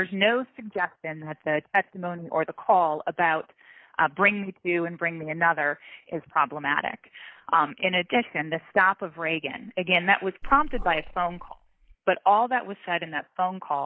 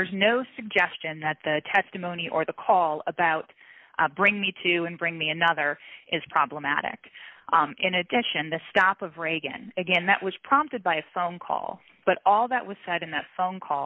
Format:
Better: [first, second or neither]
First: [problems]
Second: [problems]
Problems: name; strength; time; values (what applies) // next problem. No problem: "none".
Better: second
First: noise reduction (neural mask model DeepFilterNet 3)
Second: none